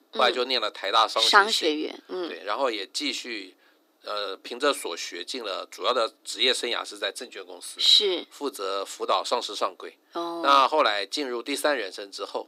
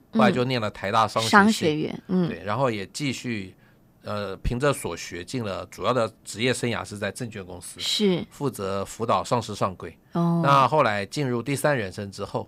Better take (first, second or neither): second